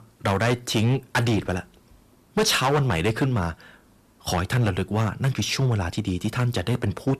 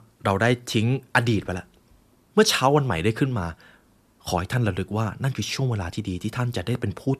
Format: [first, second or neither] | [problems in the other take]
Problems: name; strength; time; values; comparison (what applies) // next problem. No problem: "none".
second | distortion; heavy; 8% of the sound clipped